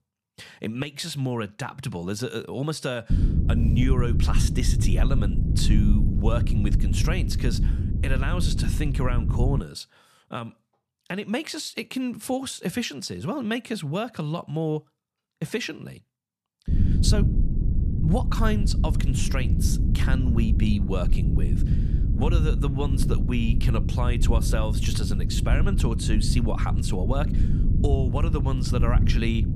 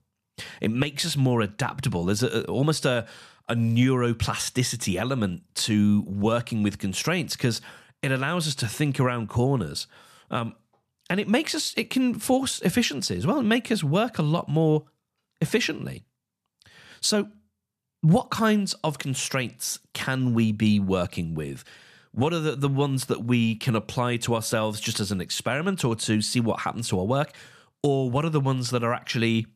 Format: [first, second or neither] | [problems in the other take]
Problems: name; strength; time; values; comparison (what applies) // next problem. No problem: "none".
second | low rumble; loud; from 3 to 9.5 s and from 17 s on; 6 dB below the speech